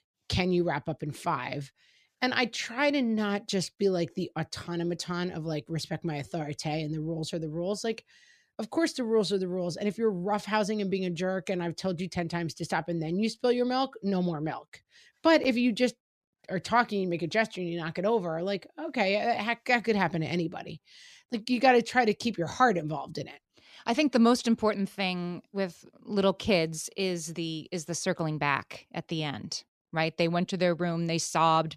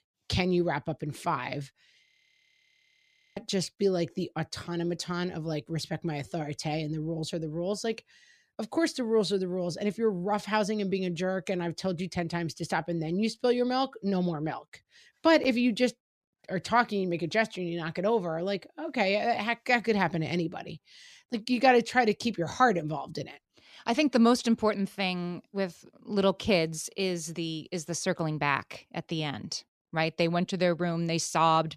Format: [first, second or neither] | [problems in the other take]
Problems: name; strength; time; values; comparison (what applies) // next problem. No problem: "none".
first | audio freezing; at 2 s for 1.5 s